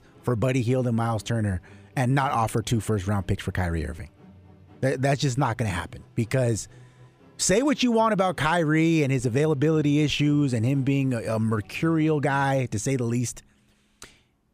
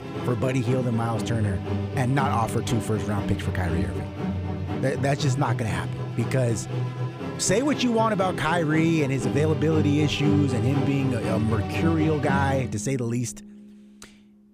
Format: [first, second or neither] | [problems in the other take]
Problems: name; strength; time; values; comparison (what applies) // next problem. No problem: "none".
first | background music; loud; throughout; 4 dB below the speech; faint in the first